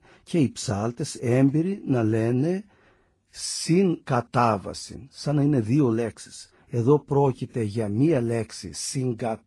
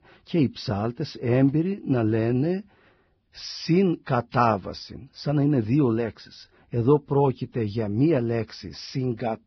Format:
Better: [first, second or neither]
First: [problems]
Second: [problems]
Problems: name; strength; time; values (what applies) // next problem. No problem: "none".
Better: first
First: garbled, watery; slightly; nothing above 10.5 kHz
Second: garbled, watery; badly; nothing above 5.5 kHz